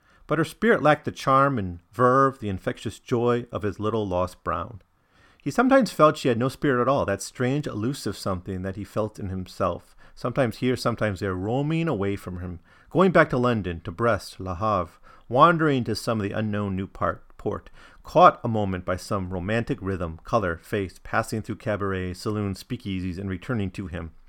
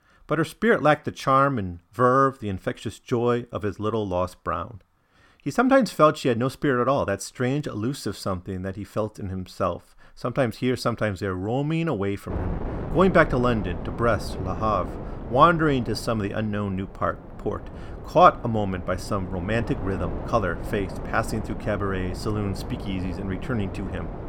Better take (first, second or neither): first